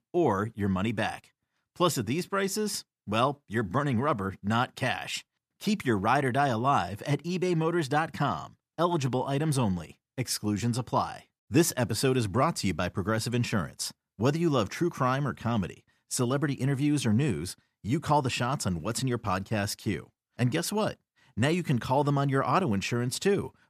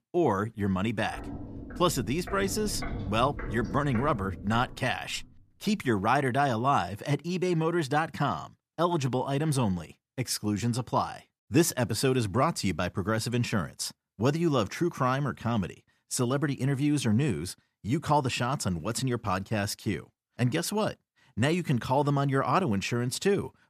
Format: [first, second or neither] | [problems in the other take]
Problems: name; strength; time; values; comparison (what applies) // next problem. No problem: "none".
first | footsteps; noticeable; from 1 to 5.5 s; peak 8 dB below the speech